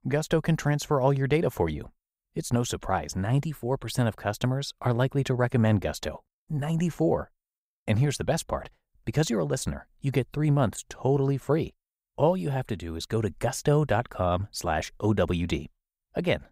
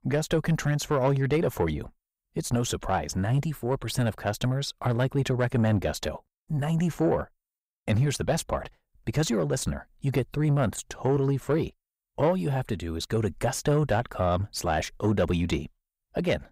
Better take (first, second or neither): first